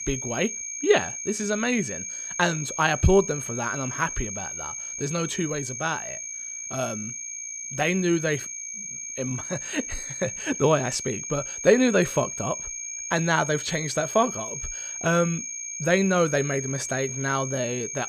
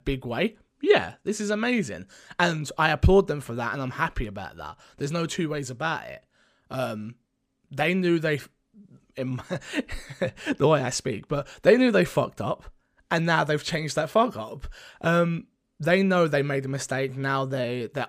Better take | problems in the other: second | high-pitched whine; loud; throughout; 6.5 kHz, 6 dB below the speech

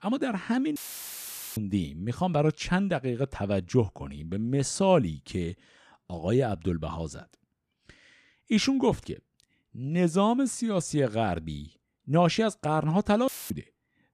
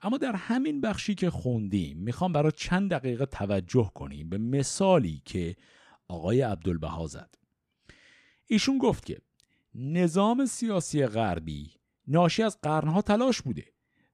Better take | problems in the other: second | audio cutting out; filled with static; at 1 s for 1 s and at 13 s

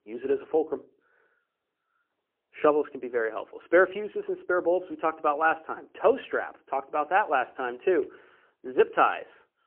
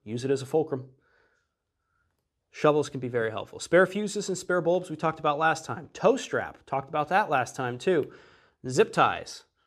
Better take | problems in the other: second | phone-call audio; poor line

